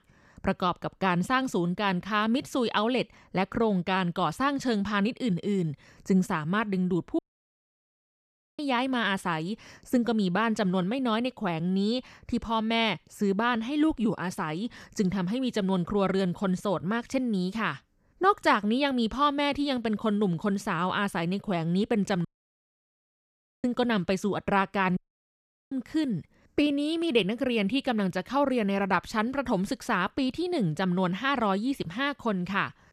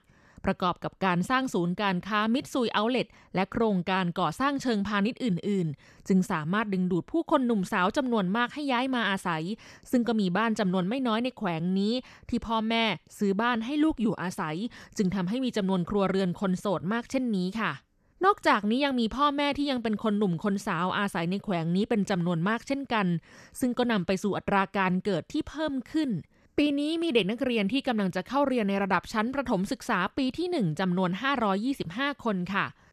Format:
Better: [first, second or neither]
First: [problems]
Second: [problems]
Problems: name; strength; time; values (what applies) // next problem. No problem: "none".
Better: second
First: audio cutting out; at 7 s for 1.5 s, at 22 s for 1.5 s and at 25 s for 0.5 s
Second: none